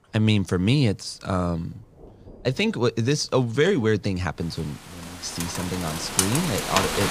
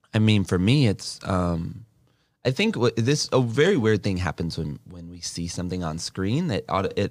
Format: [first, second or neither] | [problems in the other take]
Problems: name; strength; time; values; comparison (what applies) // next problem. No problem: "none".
second | rain or running water; loud; throughout; 2 dB below the speech